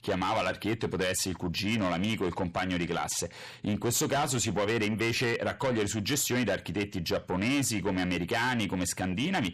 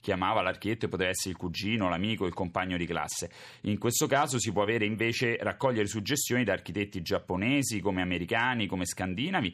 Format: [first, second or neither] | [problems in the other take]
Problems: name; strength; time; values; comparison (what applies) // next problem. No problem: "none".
second | distortion; heavy; 8 dB below the speech